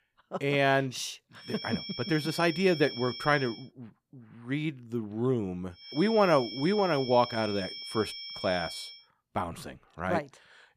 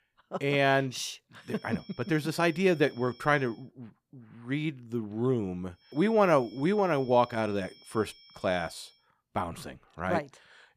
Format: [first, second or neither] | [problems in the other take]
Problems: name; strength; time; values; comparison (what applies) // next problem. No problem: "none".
second | high-pitched whine; loud; from 1.5 to 3.5 s and from 6 to 9 s; 5.5 kHz, 9 dB below the speech; faint in the second